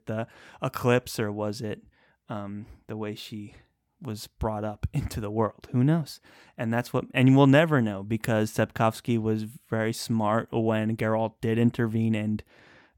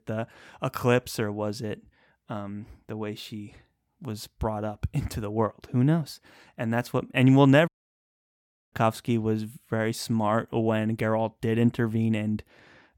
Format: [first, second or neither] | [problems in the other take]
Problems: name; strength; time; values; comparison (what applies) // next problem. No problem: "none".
first | audio cutting out; at 7.5 s for 1 s